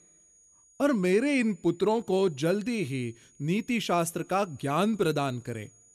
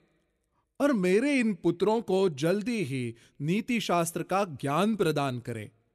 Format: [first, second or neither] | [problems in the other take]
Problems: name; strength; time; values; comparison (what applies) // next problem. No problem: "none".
second | high-pitched whine; faint; throughout; 6.5 kHz, 30 dB below the speech